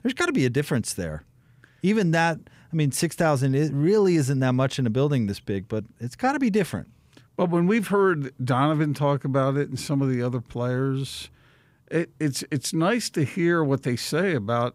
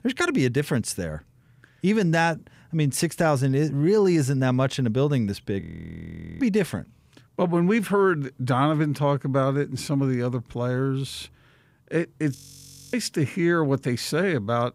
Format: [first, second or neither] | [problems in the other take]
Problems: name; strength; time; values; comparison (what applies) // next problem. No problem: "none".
first | audio freezing; at 5.5 s for 1 s and at 12 s for 0.5 s